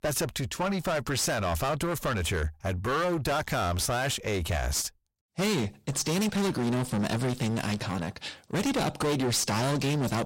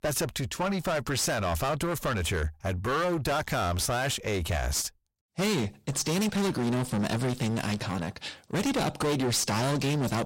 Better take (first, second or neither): neither